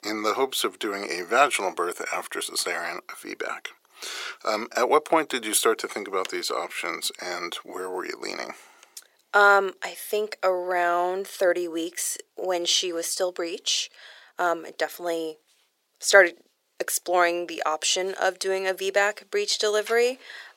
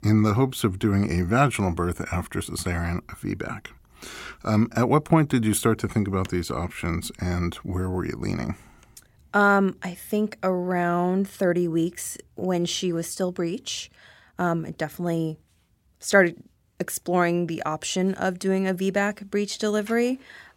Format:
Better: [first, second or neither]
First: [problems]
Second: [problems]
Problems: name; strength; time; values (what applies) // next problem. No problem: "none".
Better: second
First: thin; very; fading below 450 Hz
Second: none